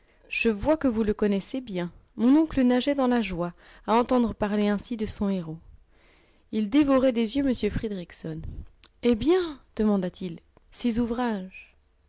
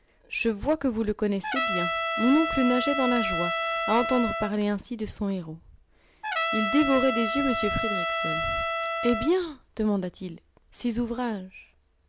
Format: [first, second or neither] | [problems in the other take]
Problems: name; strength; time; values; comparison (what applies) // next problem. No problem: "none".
first | background sound (Trumpet); 1 dB below the speech